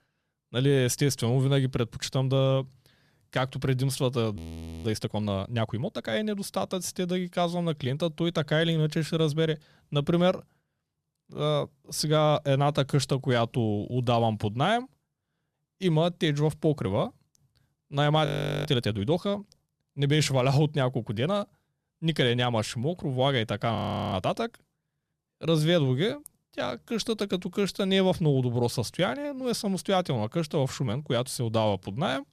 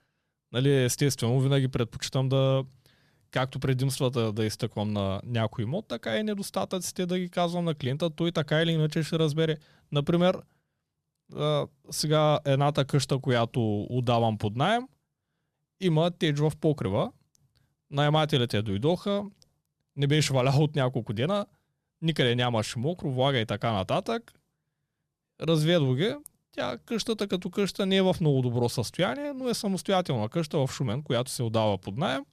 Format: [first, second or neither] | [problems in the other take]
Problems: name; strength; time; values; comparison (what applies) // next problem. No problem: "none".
second | audio freezing; at 4.5 s, at 18 s and at 24 s